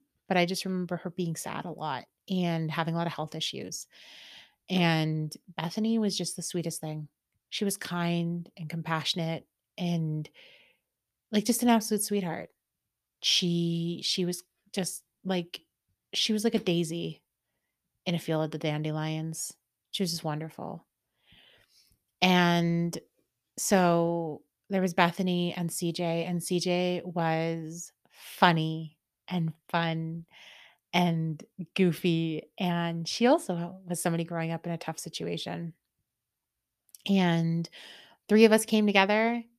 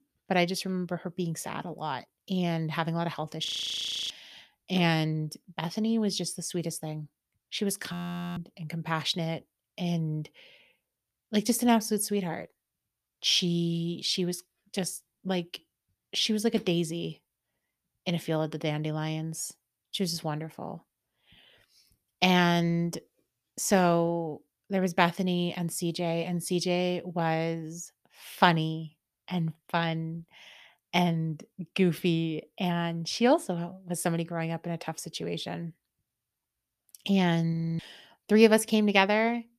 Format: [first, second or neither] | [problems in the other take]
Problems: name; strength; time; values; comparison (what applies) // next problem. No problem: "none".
first | audio freezing; at 3.5 s for 0.5 s, at 8 s and at 38 s